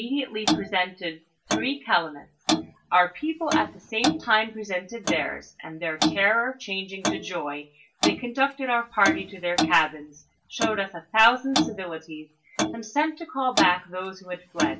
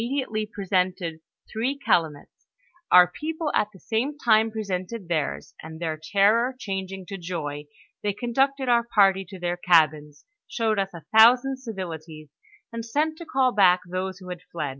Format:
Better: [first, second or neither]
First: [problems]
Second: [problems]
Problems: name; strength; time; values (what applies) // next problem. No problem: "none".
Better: second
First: background sound (Clock); 4 dB below the speech // room echo; dies away in 0.2 s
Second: none